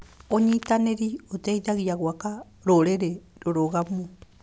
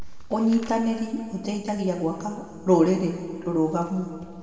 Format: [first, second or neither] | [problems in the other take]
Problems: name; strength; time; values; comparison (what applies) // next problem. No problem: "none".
first | room echo; dies away in 1.8 s